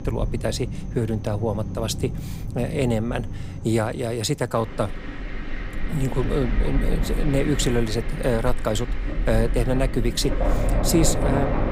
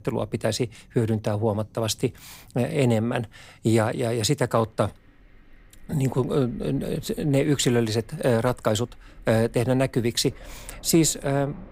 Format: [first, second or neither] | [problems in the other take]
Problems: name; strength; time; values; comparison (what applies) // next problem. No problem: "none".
second | rain or running water; loud; throughout; 4 dB below the speech; faint in the second